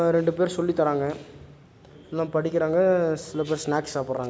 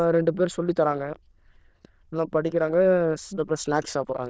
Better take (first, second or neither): first